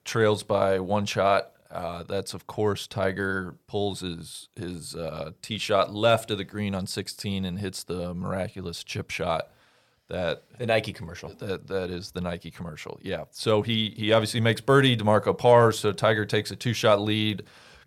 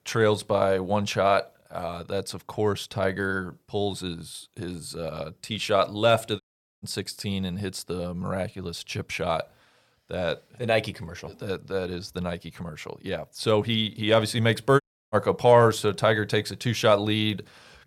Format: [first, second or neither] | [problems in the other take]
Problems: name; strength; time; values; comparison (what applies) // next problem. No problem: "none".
first | audio cutting out; at 6.5 s and at 15 s